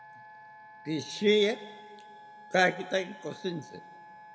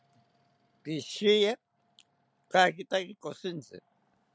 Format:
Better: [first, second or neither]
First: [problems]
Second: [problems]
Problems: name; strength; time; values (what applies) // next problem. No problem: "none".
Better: second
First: background sound (Wind instrument, woodwind instrument); 19 dB below the speech // room echo; dies away in 1.4 s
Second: none